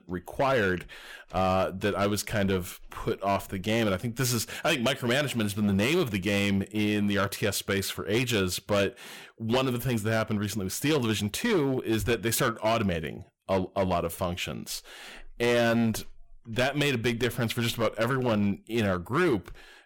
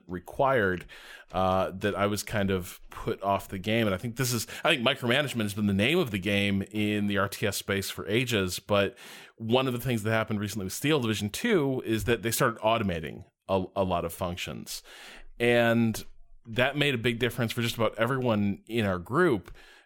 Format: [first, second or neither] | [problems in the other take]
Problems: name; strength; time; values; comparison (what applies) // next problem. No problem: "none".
second | distortion; slight; 8% of the sound clipped